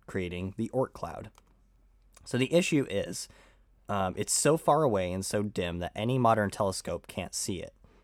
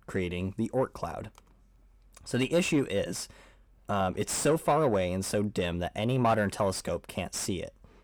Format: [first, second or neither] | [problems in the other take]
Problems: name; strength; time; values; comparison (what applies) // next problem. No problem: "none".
first | distortion; slight; 10 dB below the speech